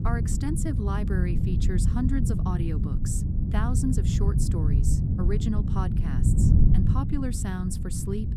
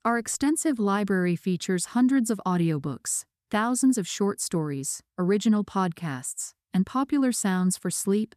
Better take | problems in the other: second | wind noise on the microphone; heavy; 2 dB below the speech

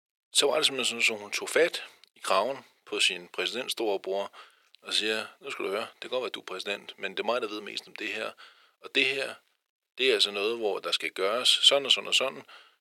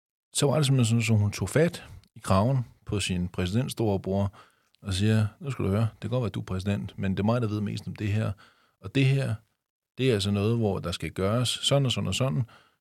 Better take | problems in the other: second | thin; very; fading below 400 Hz

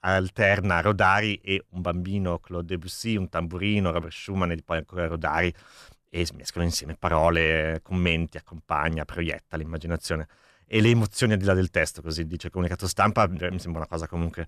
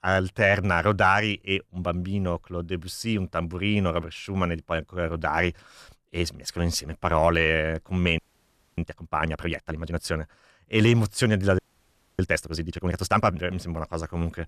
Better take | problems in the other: first | audio freezing; at 8 s for 0.5 s and at 12 s for 0.5 s

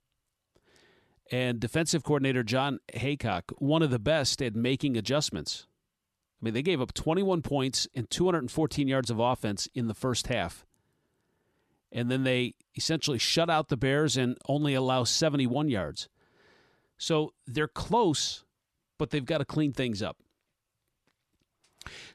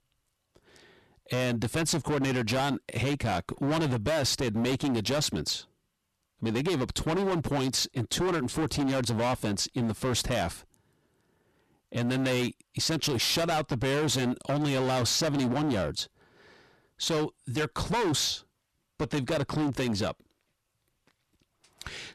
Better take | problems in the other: first | distortion; heavy; 21% of the sound clipped

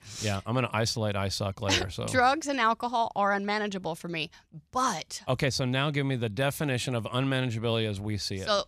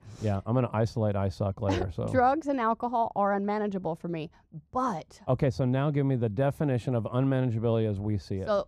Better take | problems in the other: first | muffled; very; fading above 1.5 kHz

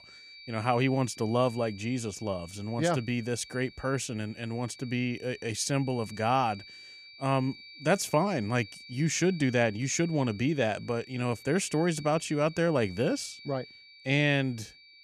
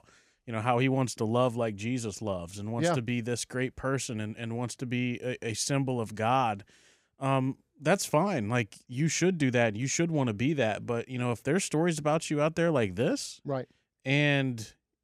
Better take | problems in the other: second | high-pitched whine; noticeable; throughout; 2.5 kHz, 20 dB below the speech

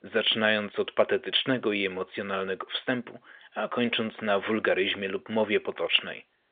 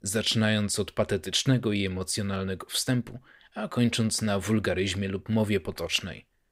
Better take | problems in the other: second | phone-call audio; nothing above 3 kHz

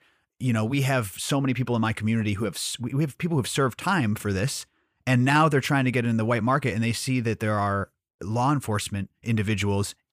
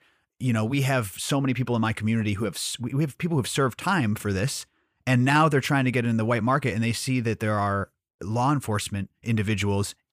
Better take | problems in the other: neither | none

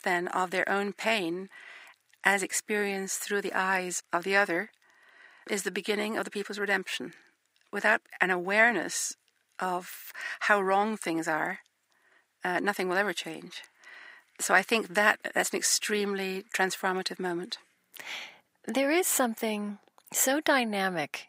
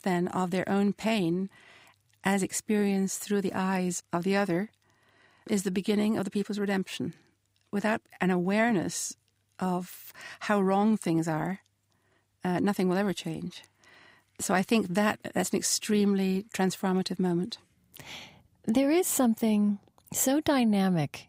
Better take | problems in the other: second | thin; somewhat; fading below 400 Hz

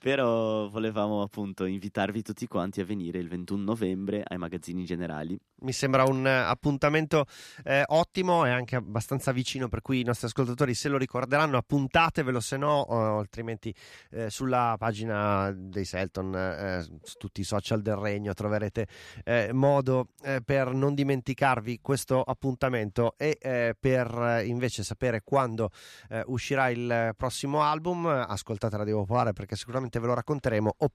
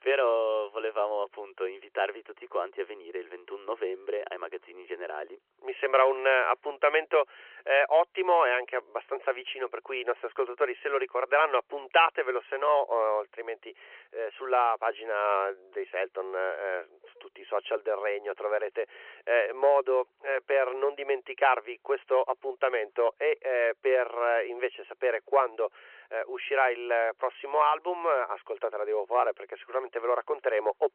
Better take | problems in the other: first | phone-call audio

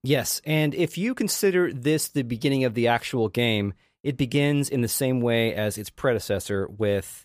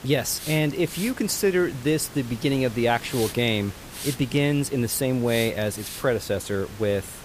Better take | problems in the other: first | hiss; noticeable; throughout; 15 dB below the speech

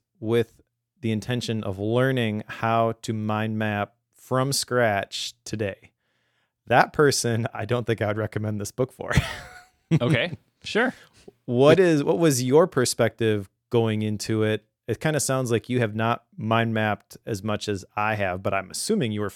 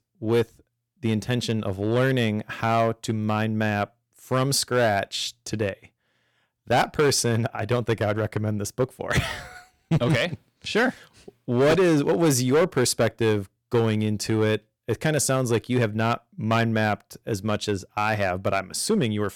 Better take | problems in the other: first | distortion; slight; 5% of the sound clipped

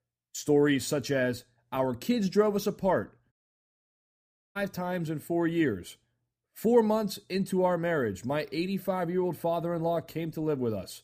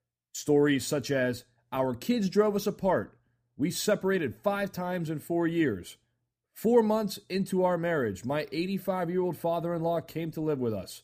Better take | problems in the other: second | audio cutting out; at 3.5 s for 1 s

